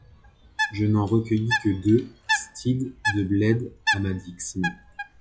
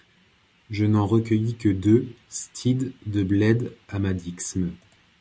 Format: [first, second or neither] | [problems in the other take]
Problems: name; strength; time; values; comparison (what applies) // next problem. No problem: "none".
second | noise reduction (classical method log-MMSE)